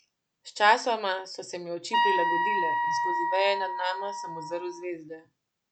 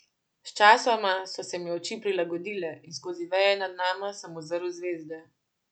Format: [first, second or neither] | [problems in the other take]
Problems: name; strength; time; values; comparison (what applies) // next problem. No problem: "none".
second | background sound (Wind instrument, woodwind instrument); 2 dB above the speech